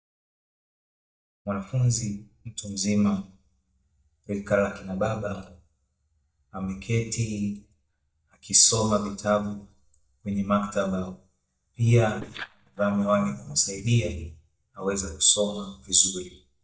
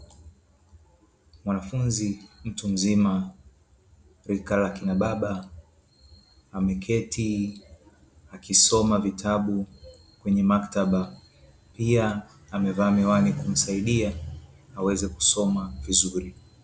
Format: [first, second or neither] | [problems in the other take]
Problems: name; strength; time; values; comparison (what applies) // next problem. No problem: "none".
second | noise reduction (neural mask model DeepFilterNet 3)